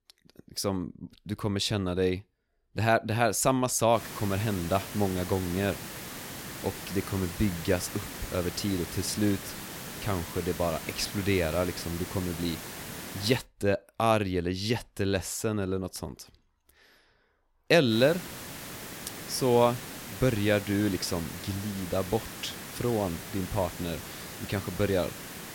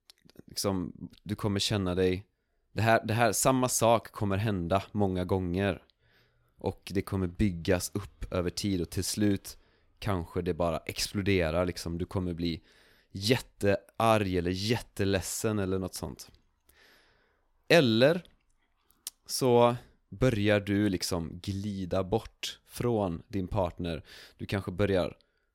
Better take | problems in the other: second | hiss; loud; from 4 to 13 s and from 18 s on; 10 dB below the speech

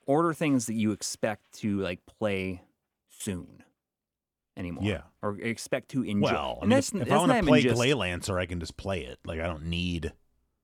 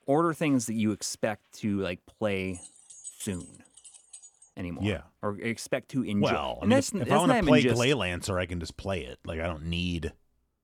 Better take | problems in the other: first | jangling keys; faint; from 2.5 to 4.5 s; peak 15 dB below the speech

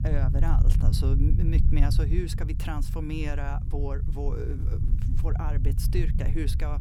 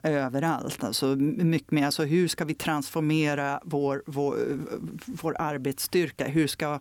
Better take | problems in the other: second | low rumble; loud; throughout; 5 dB below the speech

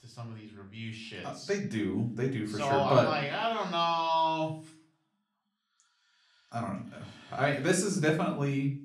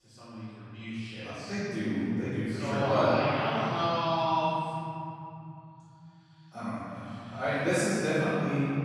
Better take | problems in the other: first | room echo; strong; dies away in 3 s; slight in the first // off-mic speech; far; far in the first

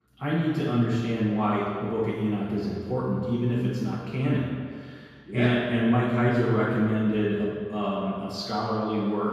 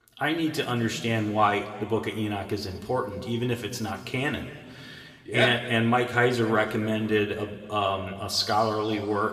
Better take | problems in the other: second | room echo; strong; dies away in 2 s; slight in the second // off-mic speech; far; somewhat distant in the second

